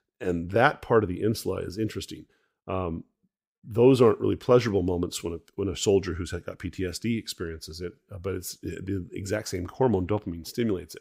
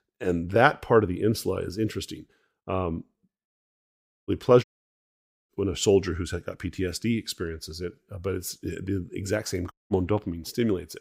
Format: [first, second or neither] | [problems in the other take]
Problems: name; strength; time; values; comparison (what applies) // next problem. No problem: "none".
first | audio cutting out; at 3.5 s for 1 s, at 4.5 s for 1 s and at 9.5 s